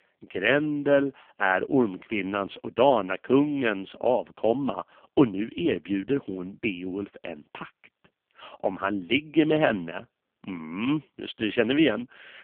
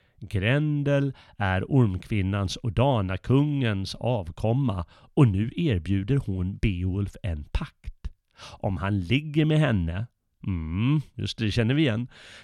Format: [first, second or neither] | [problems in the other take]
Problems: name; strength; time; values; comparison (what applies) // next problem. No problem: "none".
second | phone-call audio; poor line; nothing above 3 kHz